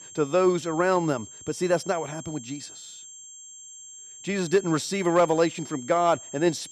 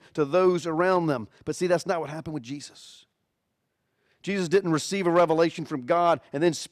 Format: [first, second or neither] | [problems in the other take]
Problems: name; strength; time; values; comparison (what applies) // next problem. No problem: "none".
second | high-pitched whine; noticeable; throughout; 7.5 kHz, 15 dB below the speech